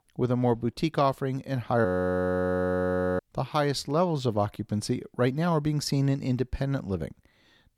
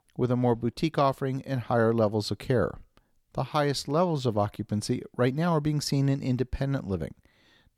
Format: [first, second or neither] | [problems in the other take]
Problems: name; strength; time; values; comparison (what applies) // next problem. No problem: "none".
second | audio freezing; at 2 s for 1.5 s